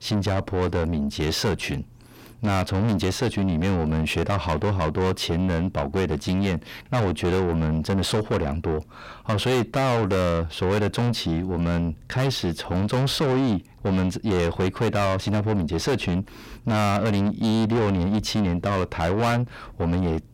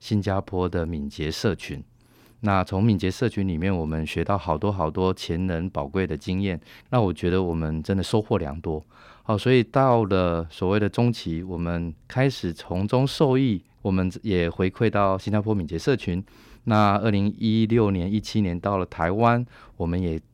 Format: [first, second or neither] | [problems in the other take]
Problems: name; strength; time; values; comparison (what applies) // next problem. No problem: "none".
second | distortion; heavy; 5 dB below the speech